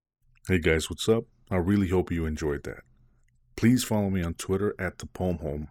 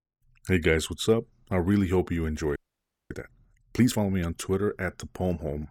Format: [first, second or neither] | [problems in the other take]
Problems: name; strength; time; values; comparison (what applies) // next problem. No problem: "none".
first | audio freezing; at 2.5 s for 0.5 s